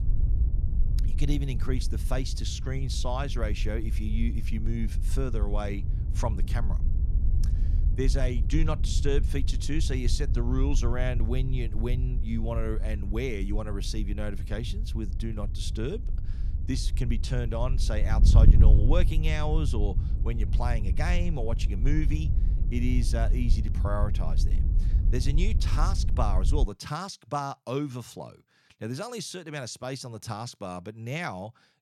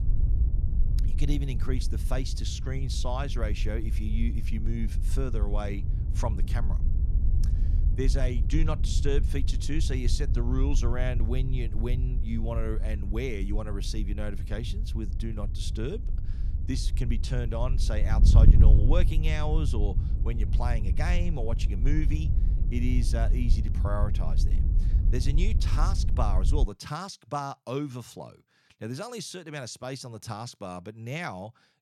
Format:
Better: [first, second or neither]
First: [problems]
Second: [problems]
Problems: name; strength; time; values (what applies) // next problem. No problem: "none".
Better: first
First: wind noise on the microphone; occasional gusts; until 27 s; 10 dB below the speech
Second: wind noise on the microphone; heavy; until 27 s; 9 dB below the speech